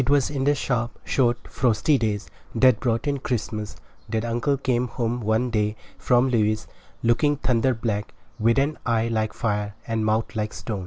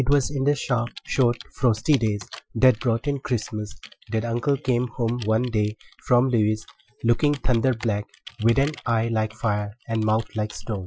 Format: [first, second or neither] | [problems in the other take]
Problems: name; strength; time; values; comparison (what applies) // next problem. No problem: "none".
first | noise reduction (classical method Wiener filter)